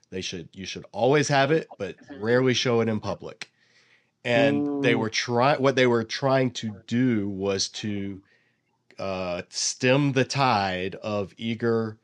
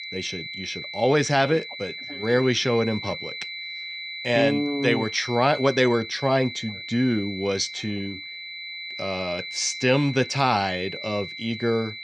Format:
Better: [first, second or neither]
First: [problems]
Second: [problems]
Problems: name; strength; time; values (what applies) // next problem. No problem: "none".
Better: first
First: none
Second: high-pitched whine; loud; throughout; 2 kHz, 9 dB below the speech